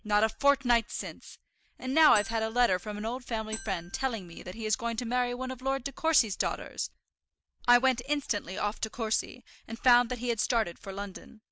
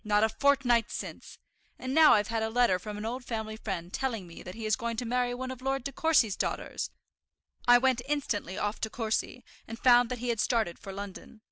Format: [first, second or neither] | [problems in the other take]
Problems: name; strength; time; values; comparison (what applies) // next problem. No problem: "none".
second | background sound (Marimba, xylophone); 13 dB below the speech